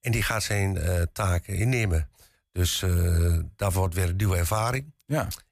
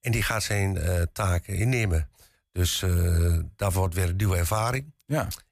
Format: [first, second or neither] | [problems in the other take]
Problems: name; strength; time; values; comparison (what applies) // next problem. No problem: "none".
neither | none